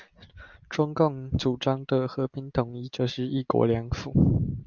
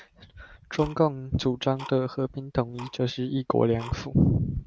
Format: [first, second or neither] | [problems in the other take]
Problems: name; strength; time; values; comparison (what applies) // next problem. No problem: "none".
first | background sound (Tick-tock); 19 dB below the speech